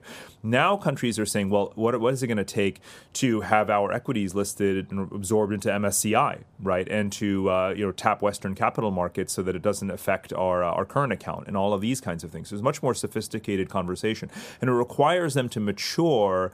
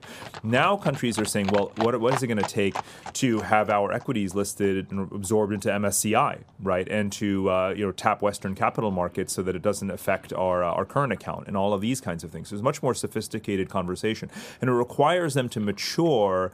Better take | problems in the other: first | animal sounds; noticeable; throughout; 10 dB below the speech

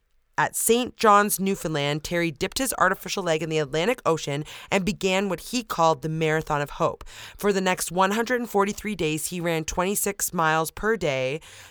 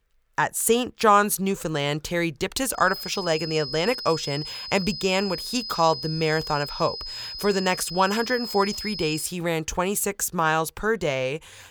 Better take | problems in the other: first | high-pitched whine; loud; from 3 to 9.5 s; 5 kHz, 8 dB below the speech

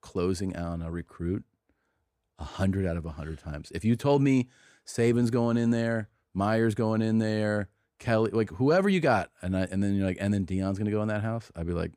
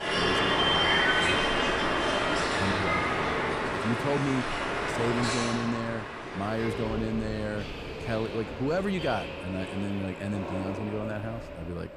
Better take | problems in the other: first | train or aircraft noise; very loud; throughout; 5 dB above the speech

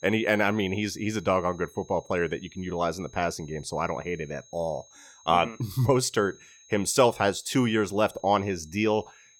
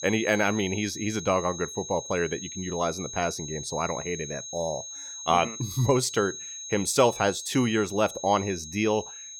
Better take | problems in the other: first | high-pitched whine; loud; throughout; 6.5 kHz, 9 dB below the speech; faint in the first

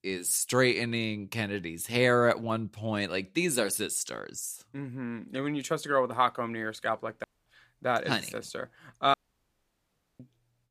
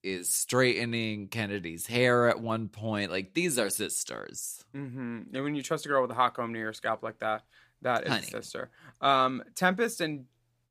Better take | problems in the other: second | audio cutting out; at 7 s and at 9 s for 1 s

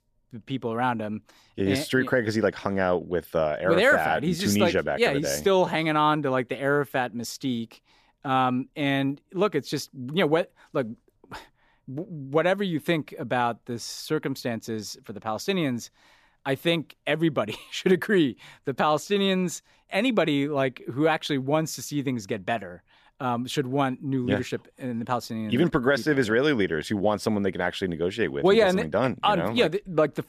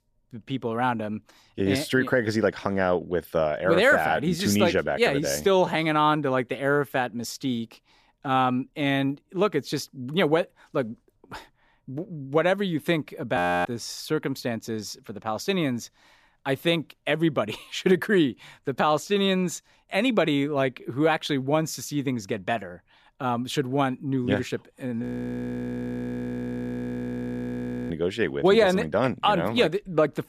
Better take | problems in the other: first | audio freezing; at 13 s and at 25 s for 3 s

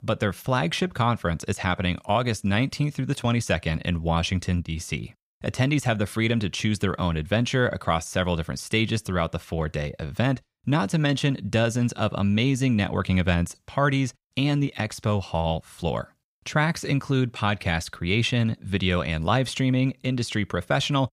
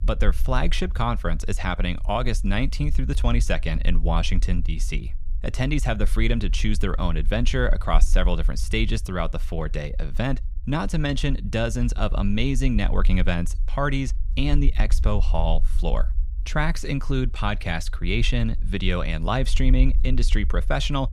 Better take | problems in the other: first | low rumble; faint; throughout; 20 dB below the speech

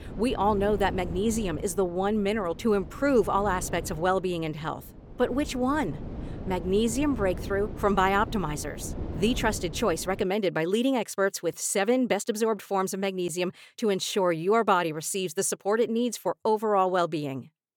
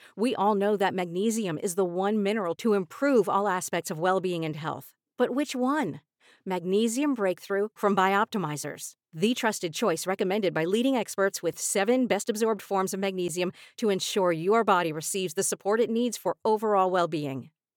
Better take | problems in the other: second | wind noise on the microphone; occasional gusts; until 10 s; 20 dB below the speech

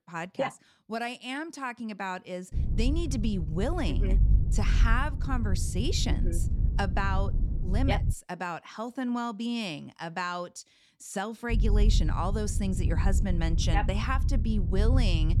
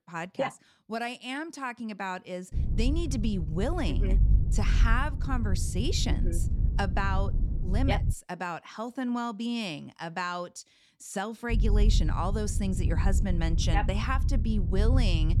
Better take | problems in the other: neither | low rumble; noticeable; from 2.5 to 8 s and from 12 s on; 10 dB below the speech; the same in both

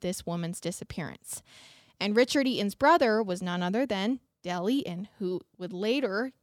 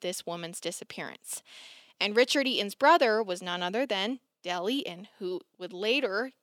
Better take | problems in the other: first | thin; very slightly; fading below 350 Hz

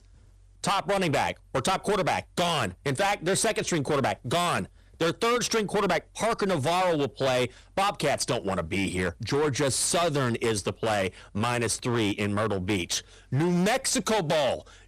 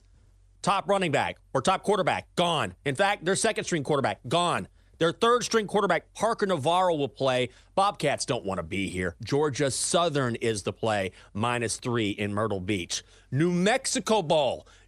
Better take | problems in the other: second | distortion; heavy; 18% of the sound clipped

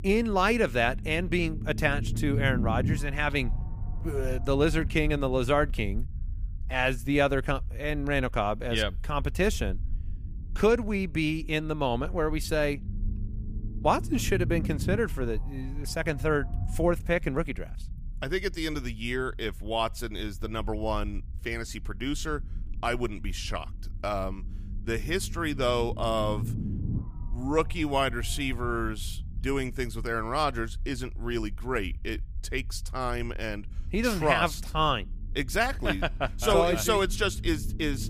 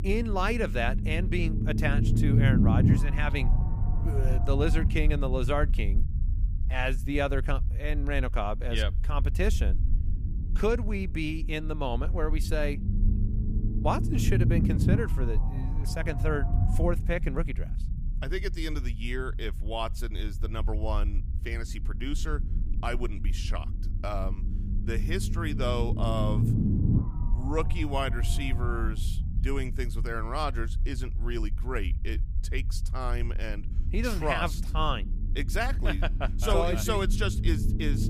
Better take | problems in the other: first | low rumble; loud; throughout; 9 dB below the speech; faint in the first

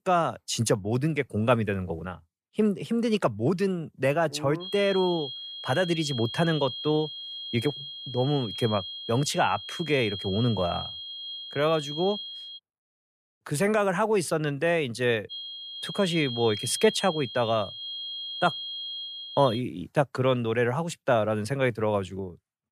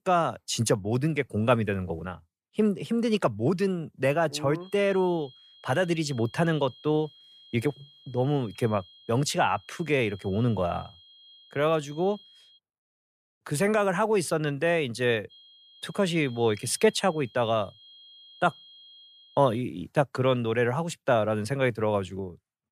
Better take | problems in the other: second | high-pitched whine; loud; from 4.5 to 13 s and from 15 to 20 s; 3.5 kHz, 8 dB below the speech; faint in the second

